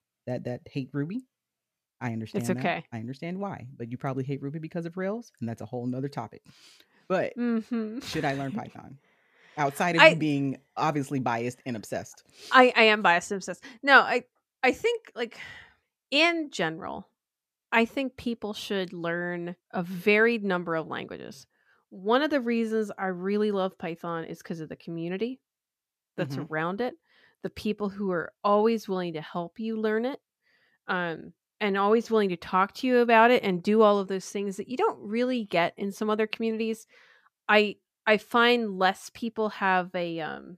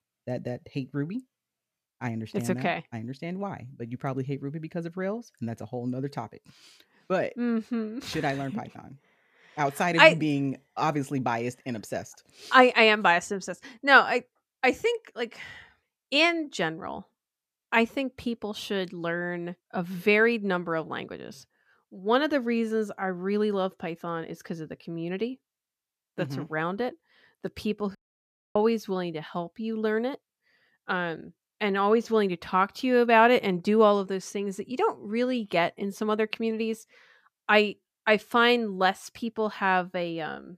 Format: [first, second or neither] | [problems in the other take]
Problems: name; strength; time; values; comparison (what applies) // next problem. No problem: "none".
first | audio cutting out; at 28 s for 0.5 s